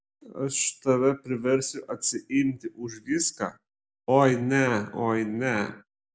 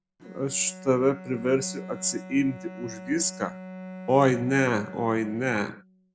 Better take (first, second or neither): first